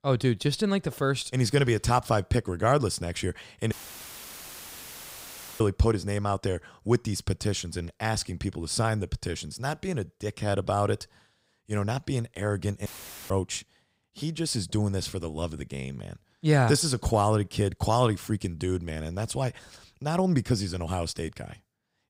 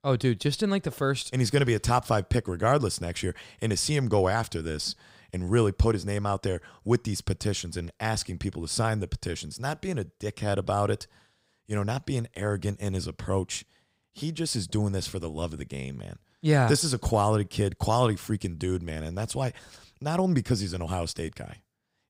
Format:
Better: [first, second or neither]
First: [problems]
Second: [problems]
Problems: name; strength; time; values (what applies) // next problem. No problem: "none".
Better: second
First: audio cutting out; filled with static; at 3.5 s for 2 s and at 13 s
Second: none